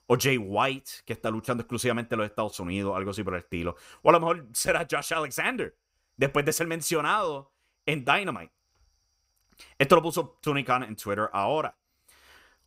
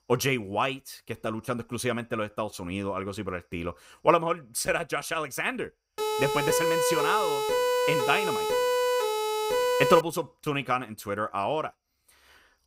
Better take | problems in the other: first | siren; loud; from 6 to 10 s; peak 4 dB above the speech

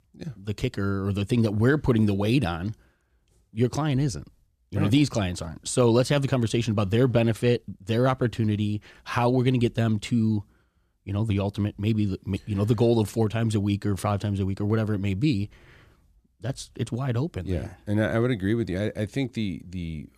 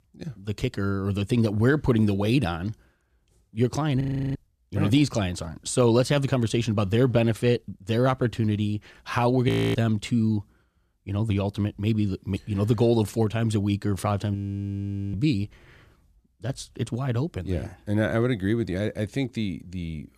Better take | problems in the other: first | audio freezing; at 4 s, at 9.5 s and at 14 s for 1 s

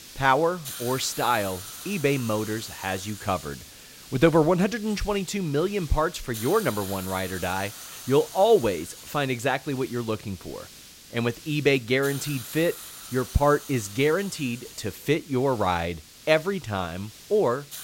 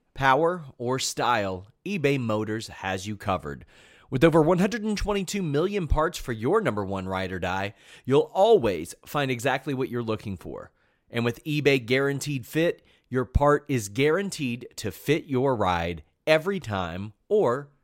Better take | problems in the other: second | hiss; noticeable; throughout; 15 dB below the speech

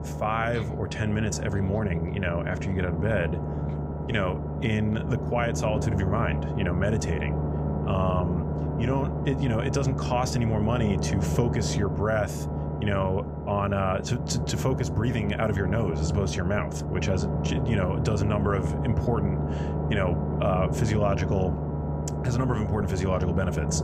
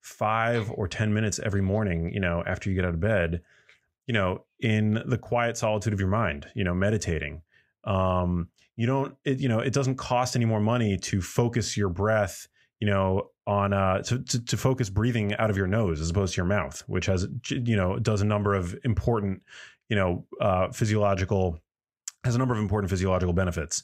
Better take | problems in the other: second | low rumble; loud; throughout; 5 dB below the speech

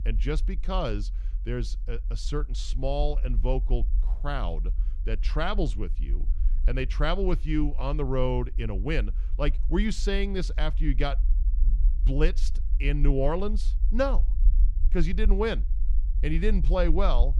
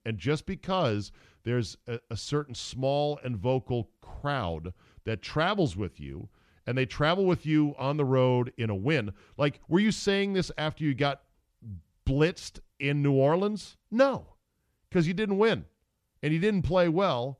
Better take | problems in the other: second | low rumble; faint; throughout; 20 dB below the speech

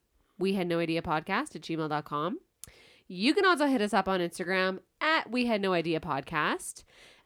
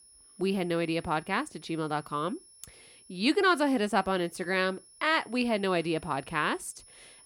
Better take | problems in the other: first | high-pitched whine; faint; throughout; 10.5 kHz, 25 dB below the speech

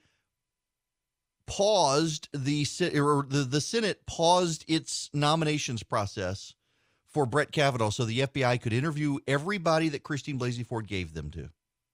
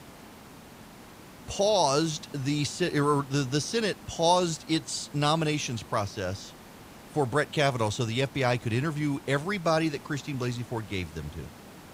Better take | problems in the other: first | hiss; noticeable; throughout; 20 dB below the speech

